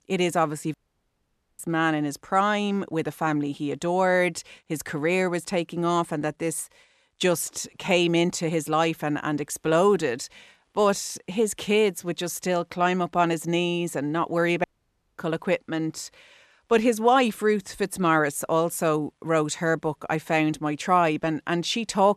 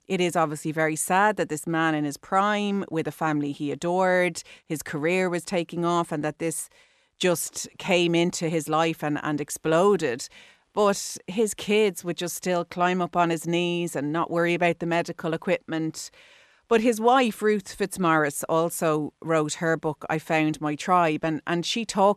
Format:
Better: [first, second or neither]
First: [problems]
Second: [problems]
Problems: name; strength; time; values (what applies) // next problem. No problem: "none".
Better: second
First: audio cutting out; at 0.5 s for 1 s and at 15 s for 0.5 s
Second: none